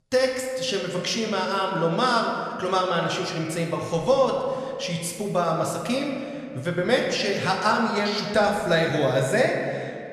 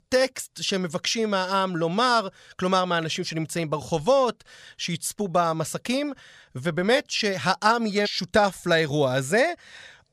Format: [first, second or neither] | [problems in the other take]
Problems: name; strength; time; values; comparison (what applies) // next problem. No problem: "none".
second | room echo; noticeable; dies away in 1.8 s // off-mic speech; somewhat distant